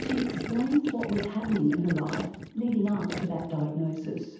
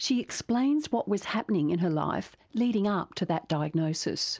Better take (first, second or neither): second